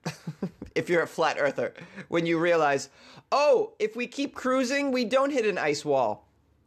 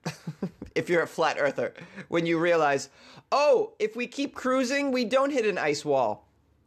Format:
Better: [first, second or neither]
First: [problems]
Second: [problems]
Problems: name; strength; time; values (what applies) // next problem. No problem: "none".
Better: neither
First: none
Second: none